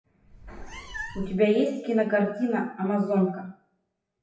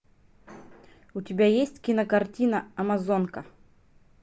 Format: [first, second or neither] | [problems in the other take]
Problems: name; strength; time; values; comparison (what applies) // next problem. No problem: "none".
second | noise reduction (classical method WPE with log-MMSE)